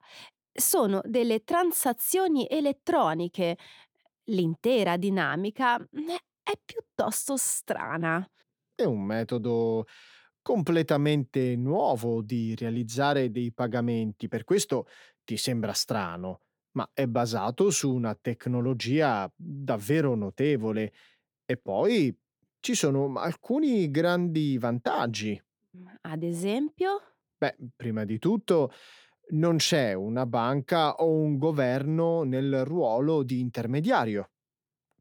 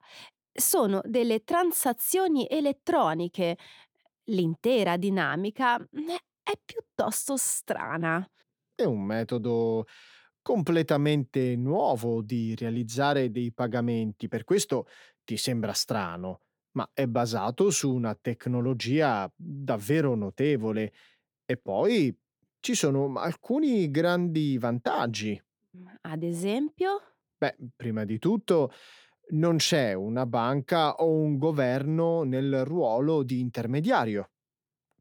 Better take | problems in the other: neither | none

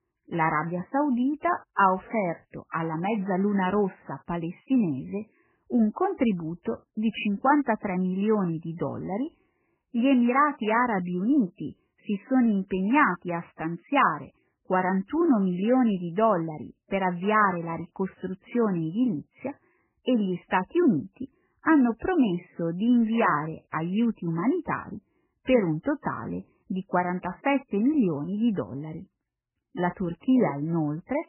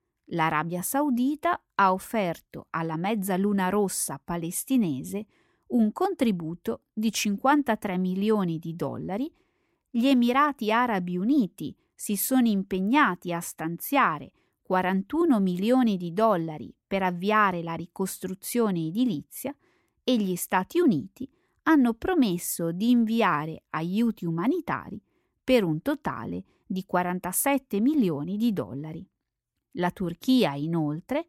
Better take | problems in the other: second | garbled, watery; badly; nothing above 3 kHz

